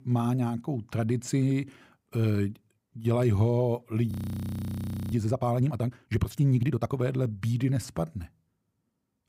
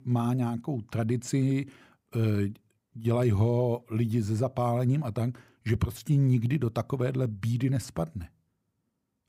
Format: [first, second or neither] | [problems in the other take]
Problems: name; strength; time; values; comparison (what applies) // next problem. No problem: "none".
second | audio freezing; at 4 s for 1 s